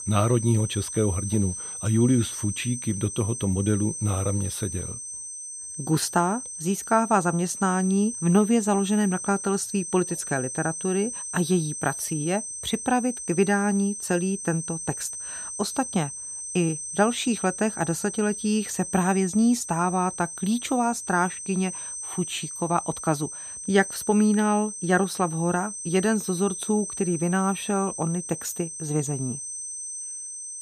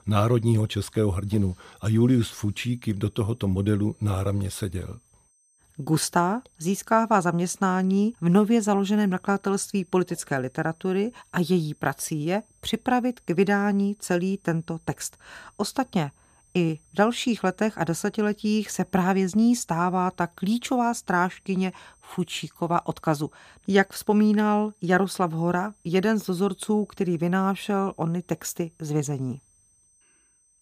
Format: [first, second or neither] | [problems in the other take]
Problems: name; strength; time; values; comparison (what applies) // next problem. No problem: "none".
second | high-pitched whine; loud; throughout; 8.5 kHz, 7 dB below the speech; faint in the second